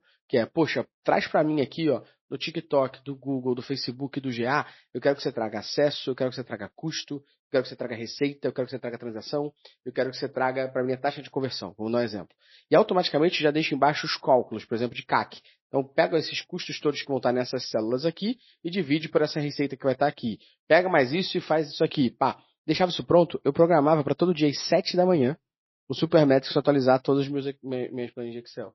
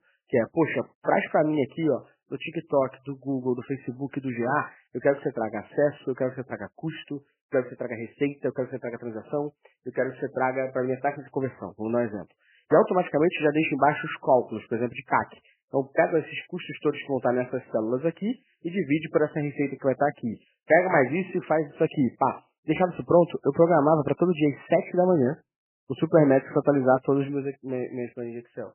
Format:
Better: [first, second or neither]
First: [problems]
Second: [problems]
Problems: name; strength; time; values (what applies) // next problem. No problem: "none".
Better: first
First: garbled, watery; slightly; nothing above 5.5 kHz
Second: garbled, watery; badly; nothing above 3 kHz